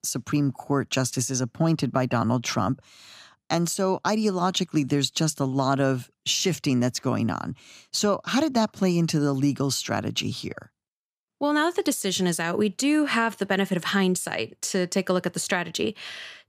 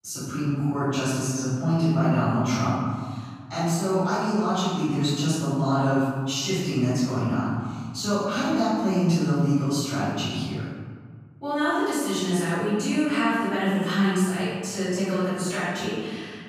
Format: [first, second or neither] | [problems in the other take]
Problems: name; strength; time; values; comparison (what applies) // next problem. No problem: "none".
first | room echo; strong; dies away in 1.8 s // off-mic speech; far